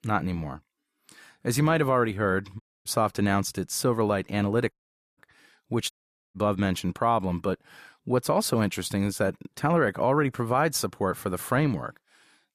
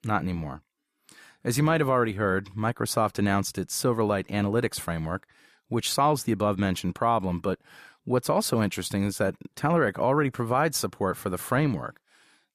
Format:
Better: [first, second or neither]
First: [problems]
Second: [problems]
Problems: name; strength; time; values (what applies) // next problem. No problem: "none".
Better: second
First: audio cutting out; at 2.5 s, at 4.5 s and at 6 s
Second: none